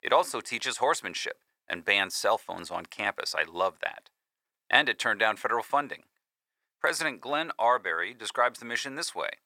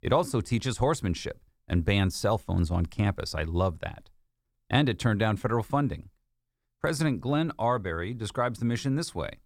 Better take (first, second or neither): second